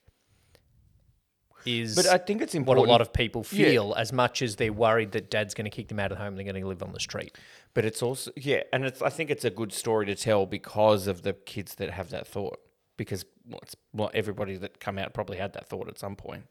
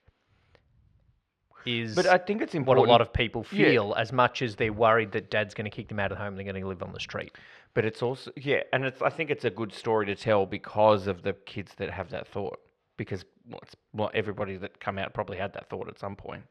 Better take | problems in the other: first | muffled; slightly; fading above 3 kHz

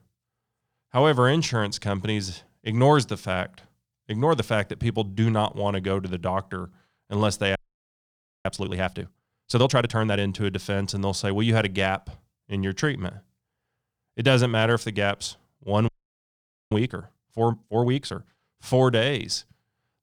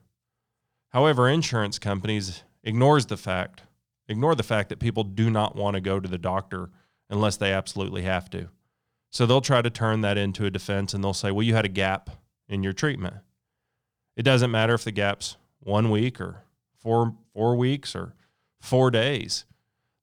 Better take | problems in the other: second | audio freezing; at 7.5 s for 1 s and at 16 s for 1 s

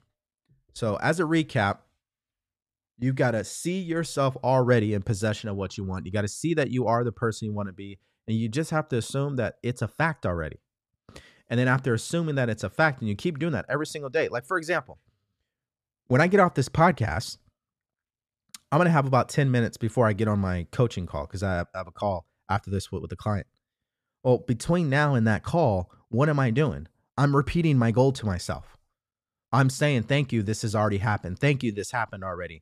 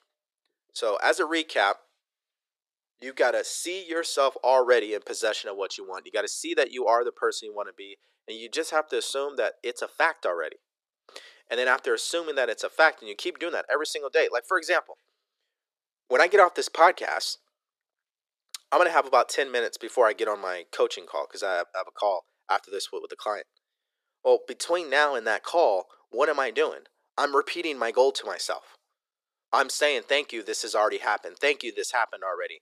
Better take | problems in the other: first | thin; very; fading below 400 Hz

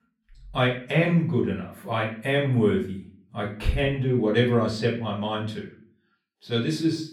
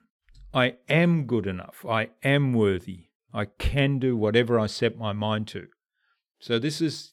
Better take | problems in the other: second | off-mic speech; far // room echo; slight; dies away in 0.4 s

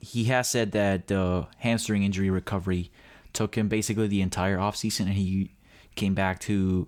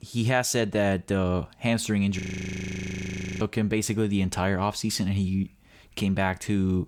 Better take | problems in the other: first | audio freezing; at 2 s for 1 s

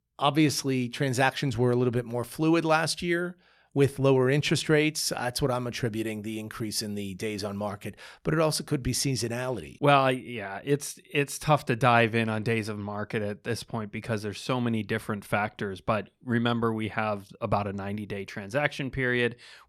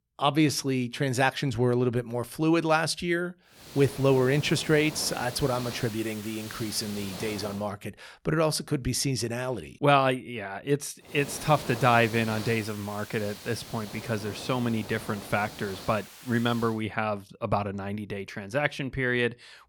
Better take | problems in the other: first | hiss; noticeable; from 3.5 to 7.5 s and from 11 to 17 s; 15 dB below the speech

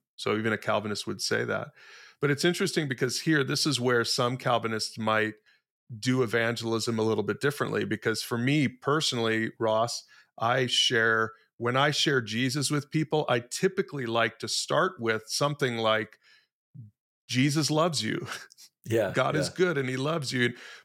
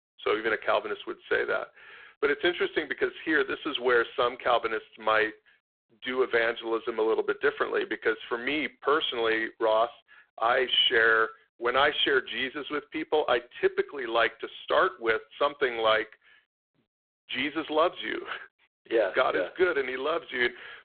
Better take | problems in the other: first | phone-call audio; poor line

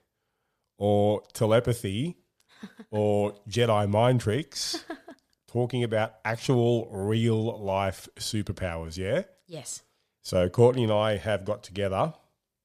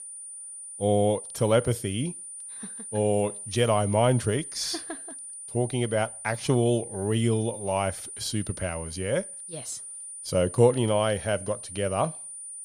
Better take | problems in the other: first | high-pitched whine; noticeable; throughout; 9.5 kHz, 10 dB below the speech

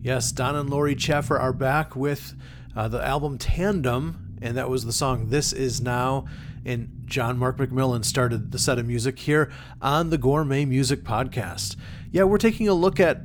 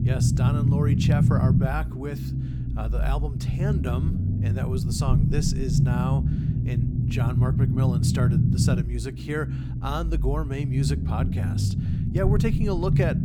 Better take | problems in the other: first | low rumble; loud; throughout; 2 dB below the speech; faint in the first

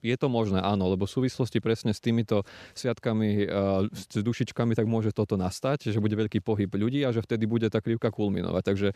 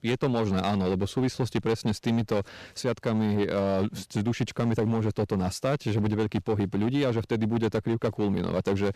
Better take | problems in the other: first | distortion; slight; 8% of the sound clipped

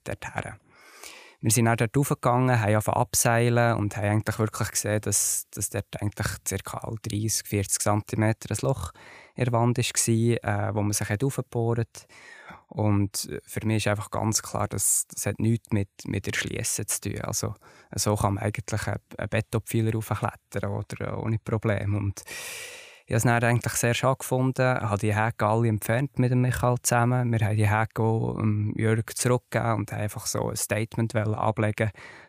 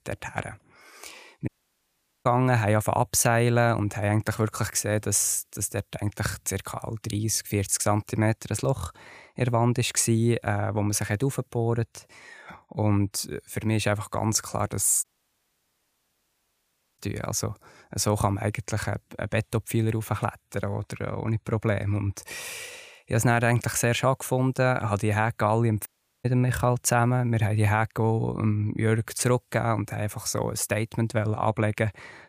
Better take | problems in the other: first | audio cutting out; at 1.5 s for 1 s, at 15 s for 2 s and at 26 s

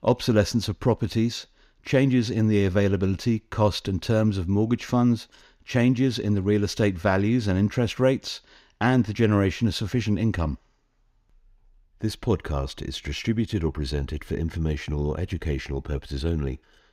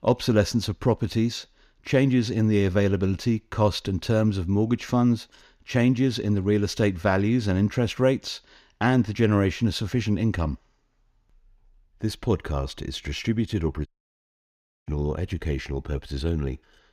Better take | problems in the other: first | audio cutting out; at 14 s for 1 s

